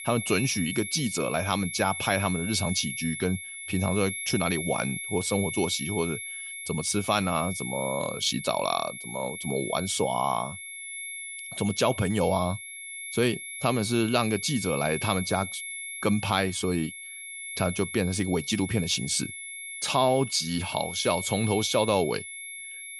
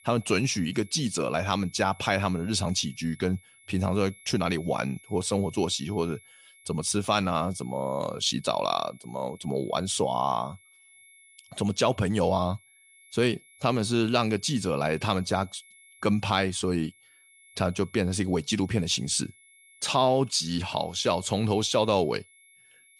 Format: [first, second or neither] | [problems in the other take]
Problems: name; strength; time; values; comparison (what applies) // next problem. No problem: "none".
second | high-pitched whine; loud; throughout; 2 kHz, 7 dB below the speech; faint in the second